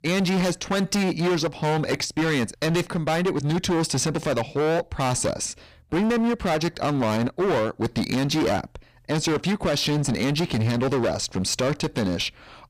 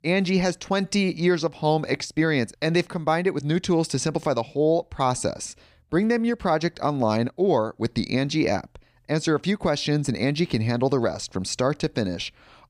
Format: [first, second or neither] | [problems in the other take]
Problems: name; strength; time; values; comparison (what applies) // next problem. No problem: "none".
second | distortion; heavy; 26% of the sound clipped